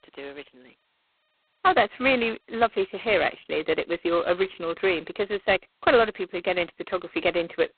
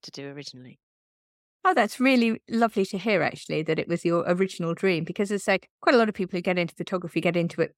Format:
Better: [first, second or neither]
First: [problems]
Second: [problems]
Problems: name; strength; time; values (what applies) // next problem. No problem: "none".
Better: second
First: phone-call audio; poor line; nothing above 4 kHz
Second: none